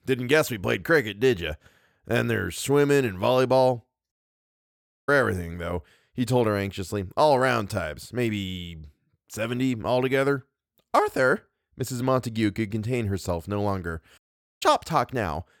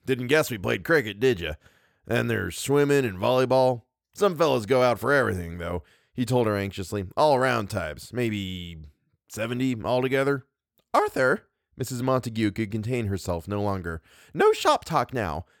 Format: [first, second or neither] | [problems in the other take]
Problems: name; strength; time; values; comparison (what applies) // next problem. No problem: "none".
second | audio cutting out; at 4 s for 1 s and at 14 s